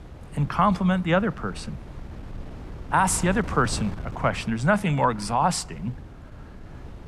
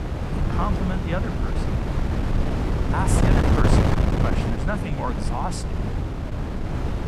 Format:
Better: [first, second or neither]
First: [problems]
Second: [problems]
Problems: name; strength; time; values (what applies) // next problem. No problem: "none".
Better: first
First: wind noise on the microphone; occasional gusts; 20 dB below the speech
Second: wind noise on the microphone; heavy; 1 dB above the speech